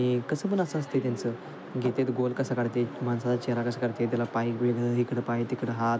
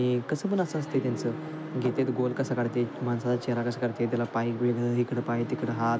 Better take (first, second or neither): first